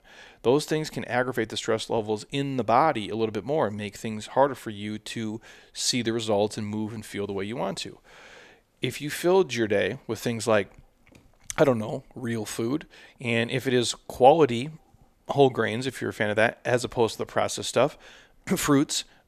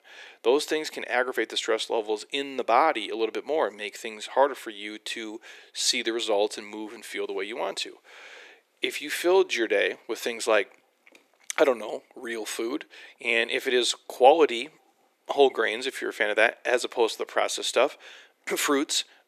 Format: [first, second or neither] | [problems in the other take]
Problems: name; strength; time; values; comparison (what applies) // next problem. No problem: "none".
first | thin; somewhat; fading below 350 Hz